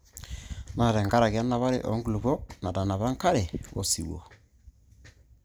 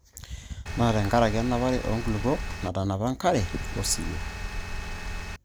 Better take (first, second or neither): first